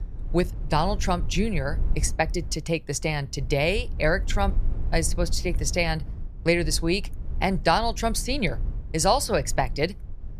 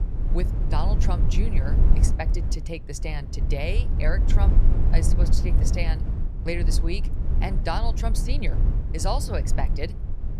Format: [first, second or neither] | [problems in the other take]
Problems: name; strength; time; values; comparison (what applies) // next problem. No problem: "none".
first | low rumble; loud; throughout; 7 dB below the speech; faint in the first